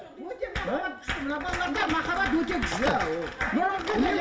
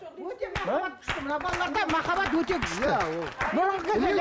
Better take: second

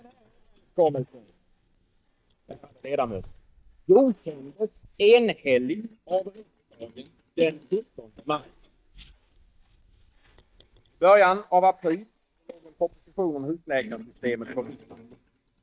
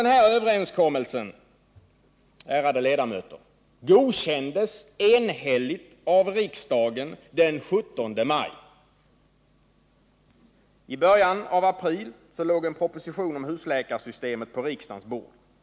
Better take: second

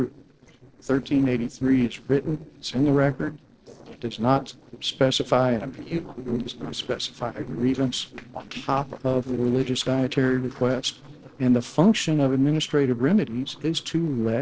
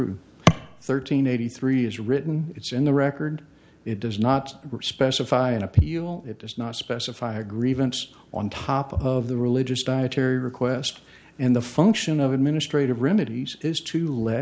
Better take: second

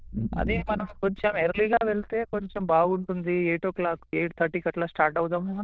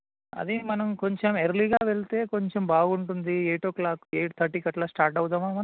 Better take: second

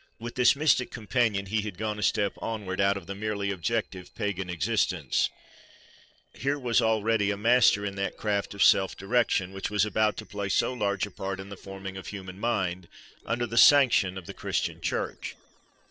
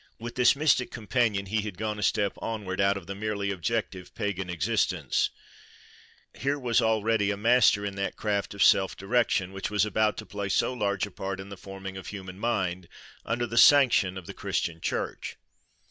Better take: second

